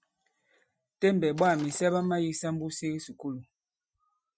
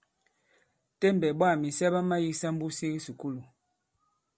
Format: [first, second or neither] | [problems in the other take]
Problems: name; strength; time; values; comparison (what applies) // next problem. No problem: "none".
second | noise reduction (classical method Wiener filter)